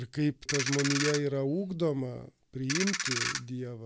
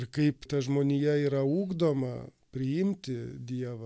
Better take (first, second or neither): second